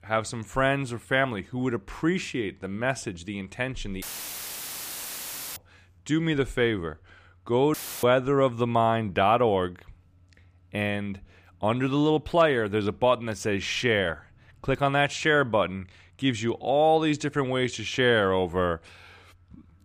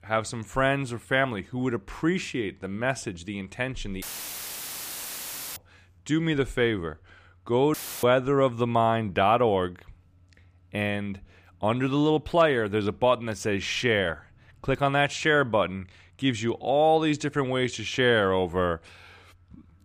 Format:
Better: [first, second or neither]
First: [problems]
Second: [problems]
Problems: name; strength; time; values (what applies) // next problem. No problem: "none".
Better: neither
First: audio cutting out; filled with static; at 4 s for 1.5 s and at 7.5 s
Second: audio cutting out; filled with static; at 4 s for 1.5 s and at 7.5 s